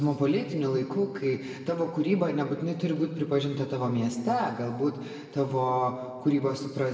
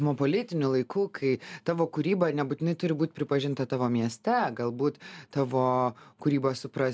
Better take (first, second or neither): second